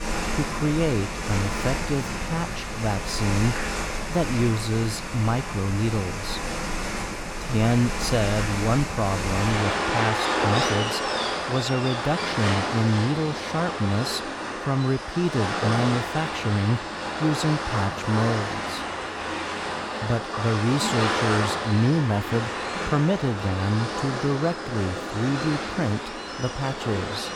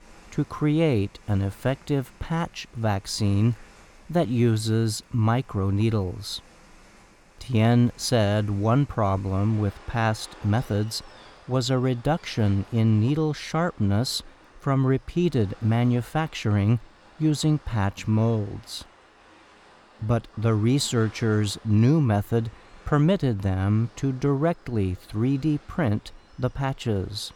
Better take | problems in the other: second | rain or running water; loud; throughout; 2 dB below the speech; faint in the second

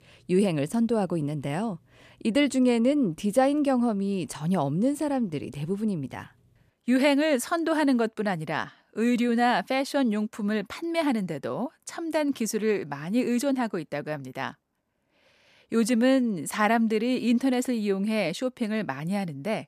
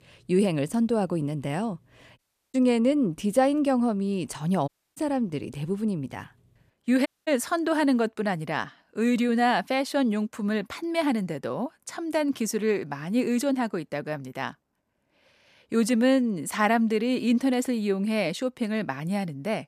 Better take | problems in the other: first | audio cutting out; at 2 s, at 4.5 s and at 7 s

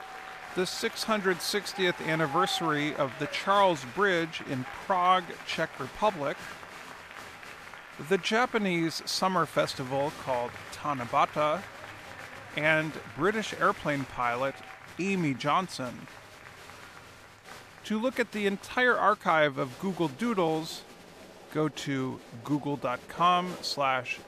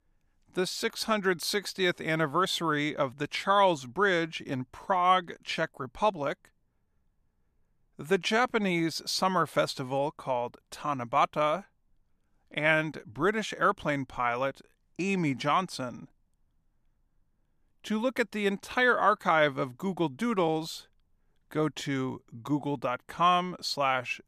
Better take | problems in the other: second | crowd noise; noticeable; throughout; 15 dB below the speech

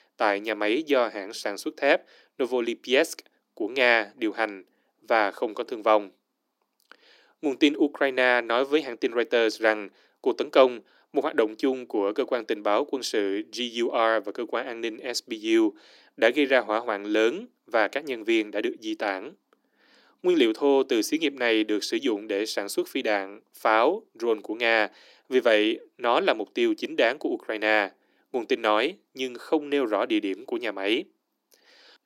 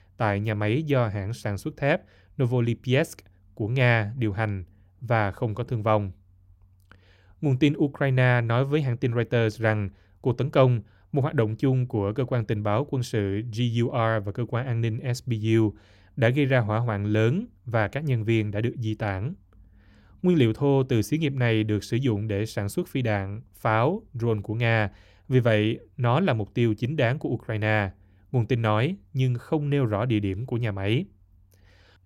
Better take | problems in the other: second | thin; somewhat; fading below 300 Hz

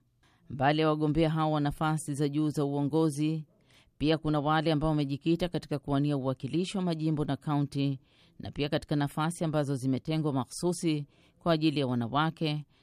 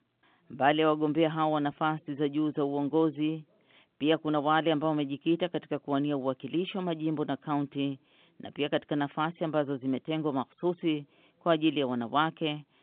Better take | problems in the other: first | phone-call audio; nothing above 3 kHz

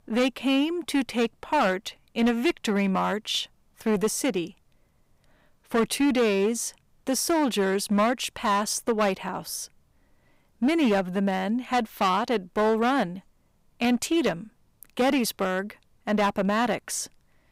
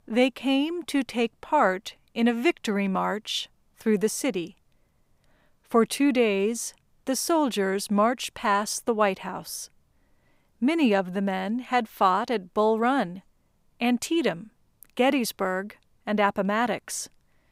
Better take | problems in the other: second | distortion; slight; 7% of the sound clipped

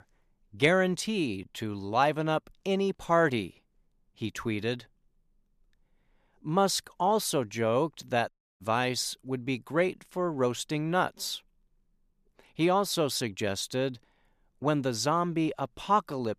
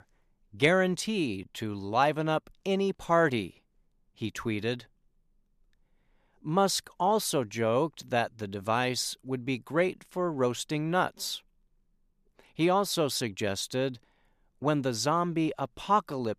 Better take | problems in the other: second | audio cutting out; at 8.5 s

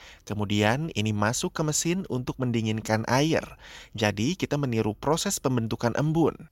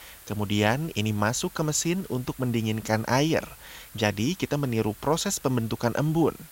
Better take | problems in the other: first | hiss; faint; throughout; 20 dB below the speech

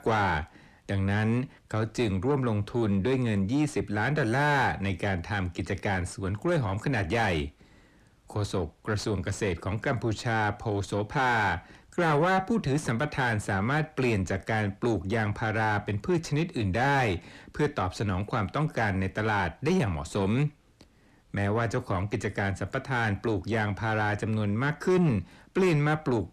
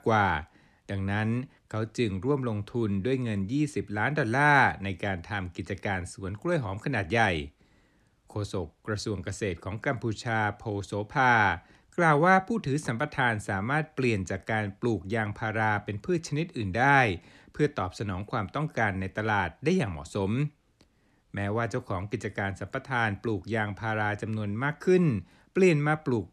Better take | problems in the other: second | distortion; heavy; 7 dB below the speech

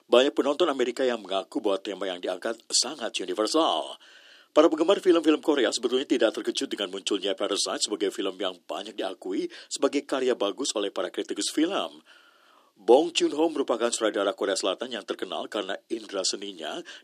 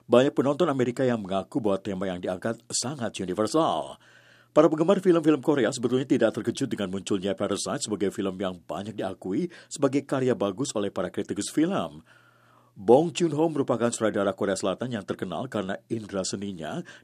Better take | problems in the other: second | thin; very slightly; fading below 300 Hz

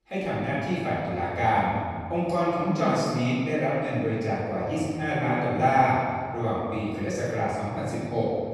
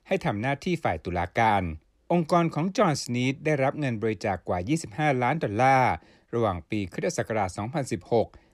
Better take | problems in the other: second | off-mic speech; far // room echo; strong; dies away in 1.7 s

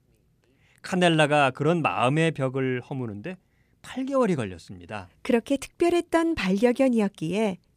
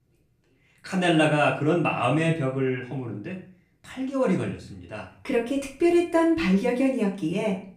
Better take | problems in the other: first | room echo; slight; dies away in 0.4 s // off-mic speech; far

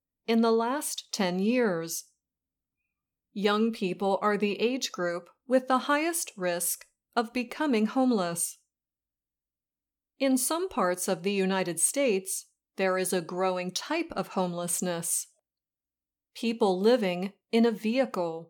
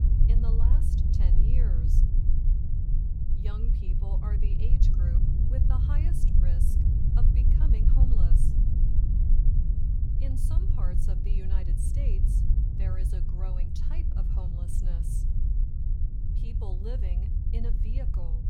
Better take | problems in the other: first | wind noise on the microphone; heavy; 3 dB above the speech

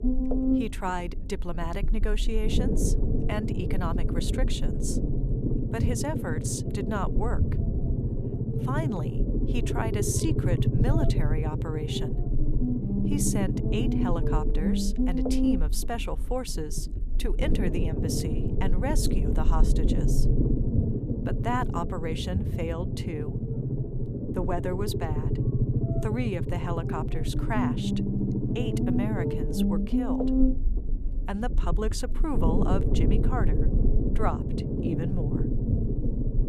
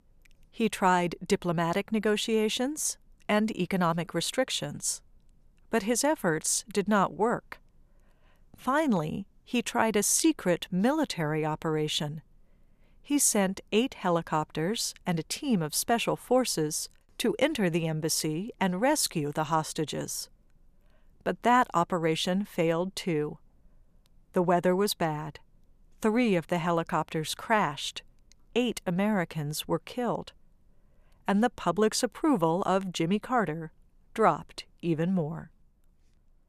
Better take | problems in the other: second | low rumble; loud; throughout; 1 dB below the speech

